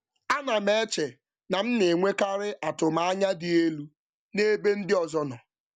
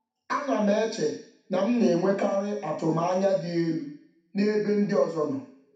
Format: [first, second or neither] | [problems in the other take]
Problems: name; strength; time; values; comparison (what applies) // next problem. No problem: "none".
first | room echo; dies away in 0.6 s